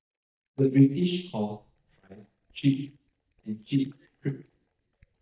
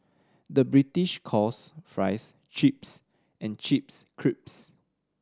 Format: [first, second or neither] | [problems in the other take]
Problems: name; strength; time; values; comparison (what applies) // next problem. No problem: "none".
second | noise reduction (neural mask model DeepFilterNet 3)